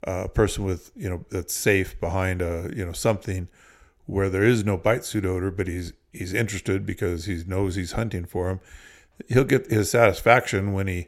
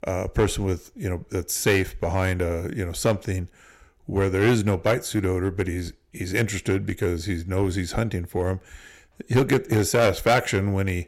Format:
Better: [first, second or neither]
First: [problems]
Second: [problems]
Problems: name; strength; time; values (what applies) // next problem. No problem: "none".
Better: first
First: none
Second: distortion; slight; 3% of the sound clipped